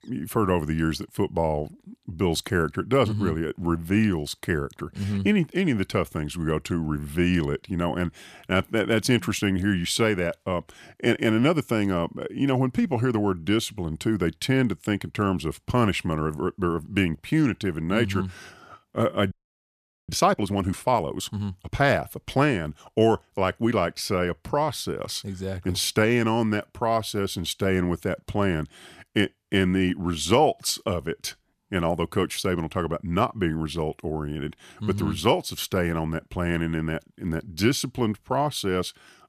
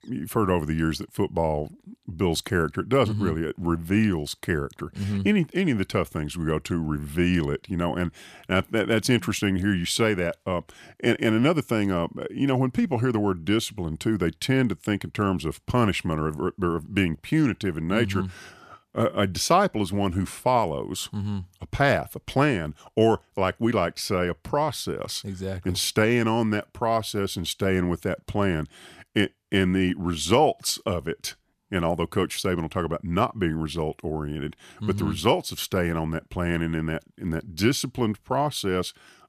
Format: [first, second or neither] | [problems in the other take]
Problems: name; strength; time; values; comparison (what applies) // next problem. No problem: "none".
second | audio freezing; at 19 s for 1 s